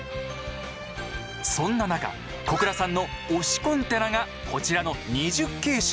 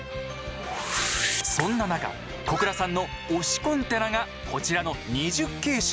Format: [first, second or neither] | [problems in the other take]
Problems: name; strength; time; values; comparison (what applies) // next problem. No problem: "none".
first | background sound (Whoosh, swoosh, swish); 5 dB below the speech